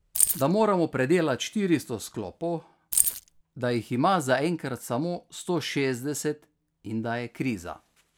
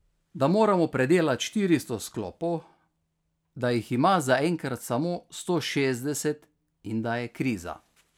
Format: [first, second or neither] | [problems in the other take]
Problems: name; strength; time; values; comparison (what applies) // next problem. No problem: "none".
second | background sound (Keys jangling); 2 dB above the speech